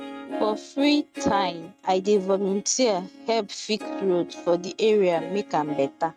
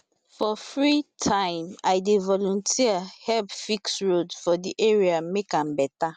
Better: second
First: noise reduction (neural mask model RNNoise)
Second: none

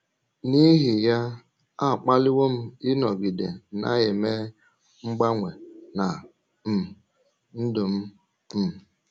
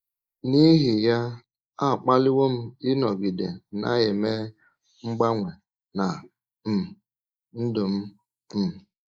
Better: first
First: none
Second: noise reduction (neural mask model Resemble Enhance denoiser)

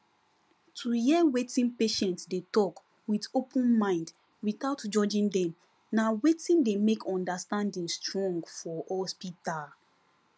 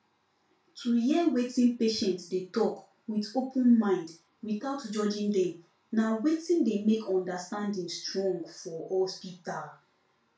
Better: first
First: none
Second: room echo; dies away in 0.3 s

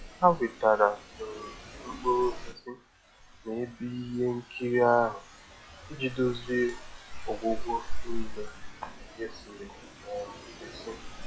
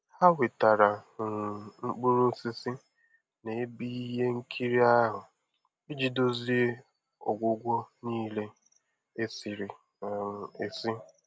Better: second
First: noise reduction (classical method log-MMSE)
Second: none

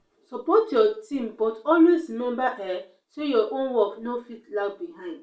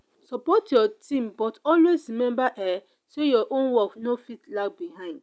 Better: second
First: room echo; dies away in 0.3 s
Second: none

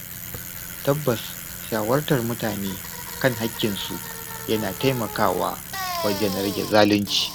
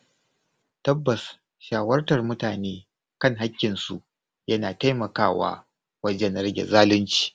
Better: second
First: background sound (Bicycle); 8 dB below the speech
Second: none

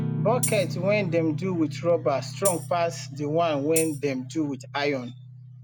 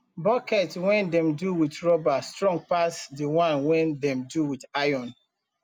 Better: second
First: background sound (Guitar + Tambourine); 6 dB below the speech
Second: none

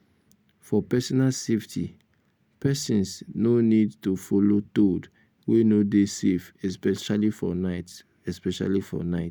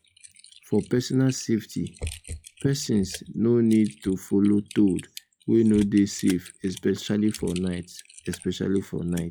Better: first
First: none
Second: noise reduction (classical method log-MMSE)

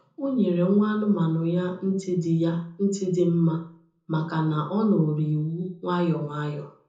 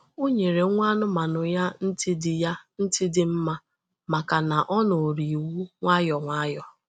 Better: second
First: room echo; dies away in 0.5 s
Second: none

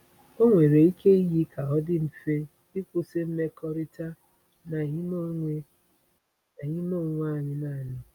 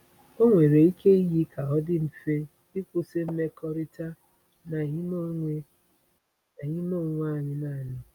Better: first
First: none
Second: background sound (Tap); 17 dB below the speech

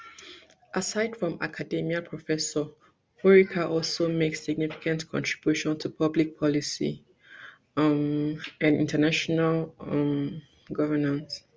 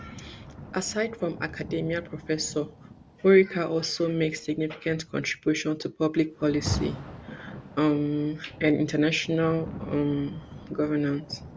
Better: first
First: none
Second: background sound (Rain); 14 dB below the speech

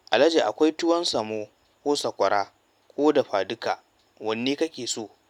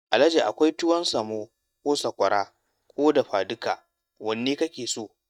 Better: first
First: none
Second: noise reduction (neural mask model DeepFilterNet 3)

